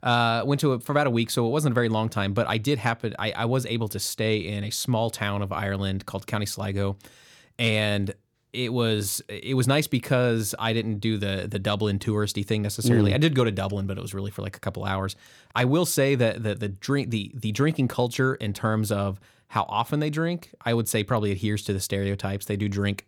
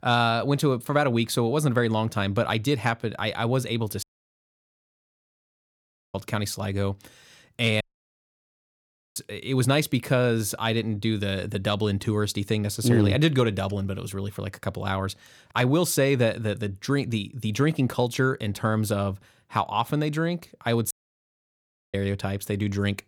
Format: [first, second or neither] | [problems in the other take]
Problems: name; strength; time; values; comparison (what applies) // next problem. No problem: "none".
first | audio cutting out; at 4 s for 2 s, at 8 s for 1.5 s and at 21 s for 1 s